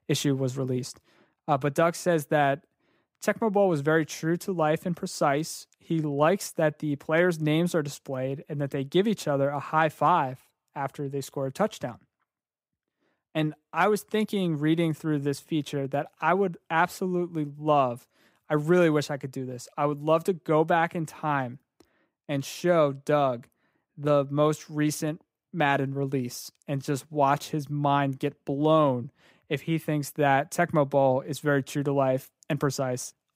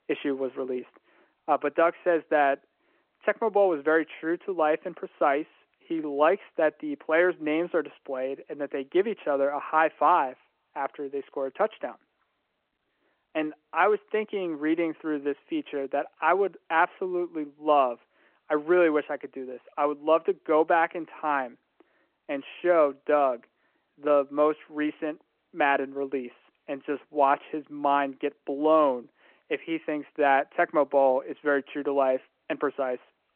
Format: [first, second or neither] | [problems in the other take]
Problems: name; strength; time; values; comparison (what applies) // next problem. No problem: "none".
first | phone-call audio